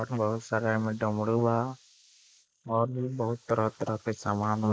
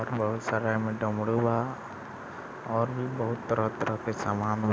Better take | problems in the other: second | noise reduction (neural mask model Resemble Enhance denoiser)

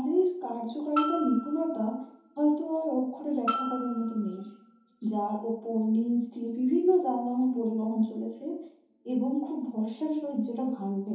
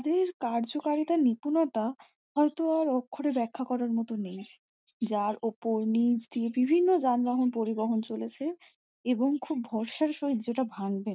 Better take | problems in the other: second | background sound (Bell); 9 dB below the speech // room echo; dies away in 2.8 s

